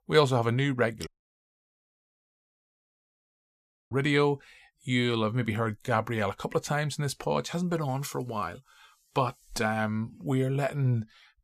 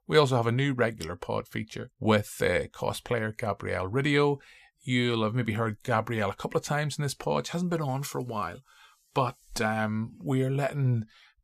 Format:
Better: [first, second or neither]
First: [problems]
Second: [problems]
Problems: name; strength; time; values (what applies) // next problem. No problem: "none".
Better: second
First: audio cutting out; at 1 s for 3 s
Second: none